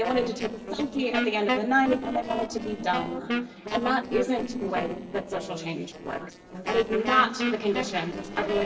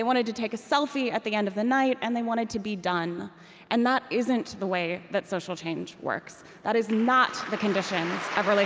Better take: second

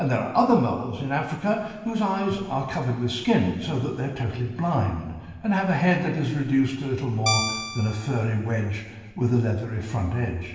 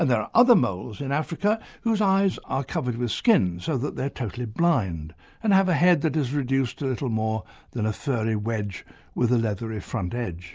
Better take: second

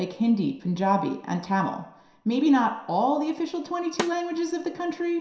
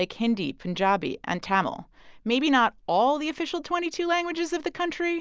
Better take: second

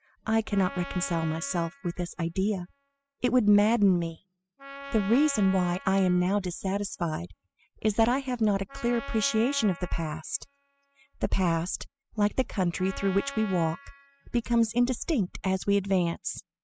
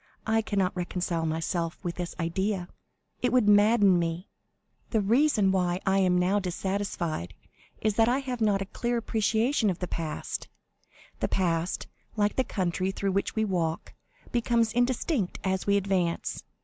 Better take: second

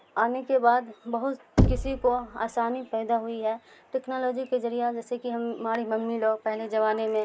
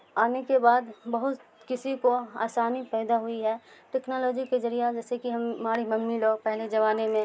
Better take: second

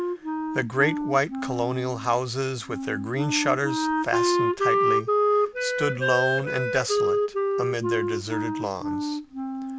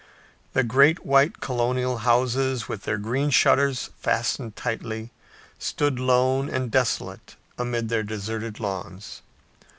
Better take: second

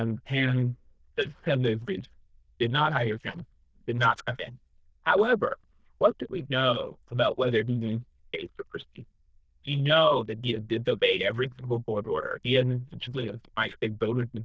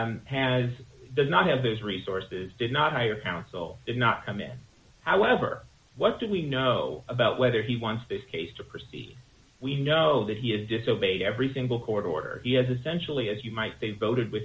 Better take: second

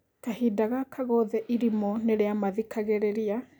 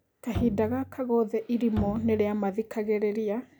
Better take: first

